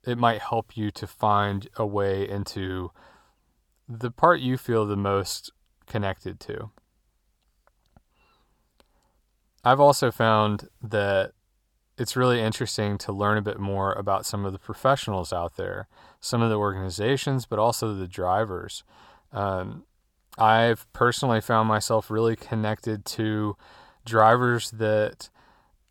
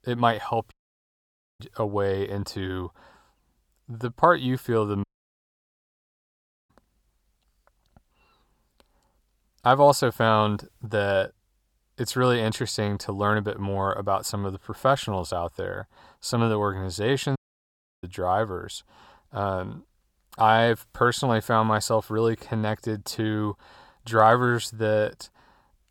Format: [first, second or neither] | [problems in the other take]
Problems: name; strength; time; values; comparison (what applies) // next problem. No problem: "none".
first | audio cutting out; at 0.5 s for 1 s, at 5 s for 1.5 s and at 17 s for 0.5 s